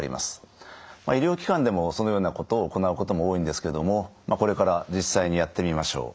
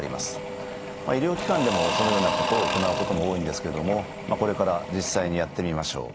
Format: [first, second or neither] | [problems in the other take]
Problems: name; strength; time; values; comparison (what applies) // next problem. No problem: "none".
first | background sound (Engine / Drill / Mechanisms); 3 dB below the speech